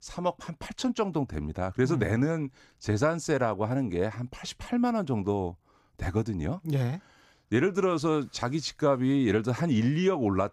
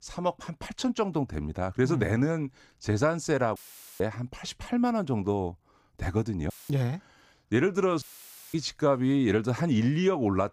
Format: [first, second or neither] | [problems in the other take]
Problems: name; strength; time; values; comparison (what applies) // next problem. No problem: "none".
first | audio cutting out; filled with static; at 3.5 s, at 6.5 s and at 8 s for 0.5 s